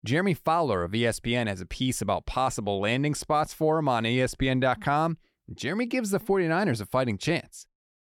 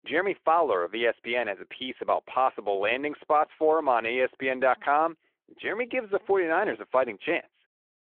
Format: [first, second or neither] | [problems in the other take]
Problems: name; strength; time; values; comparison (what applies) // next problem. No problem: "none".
first | phone-call audio; nothing above 3.5 kHz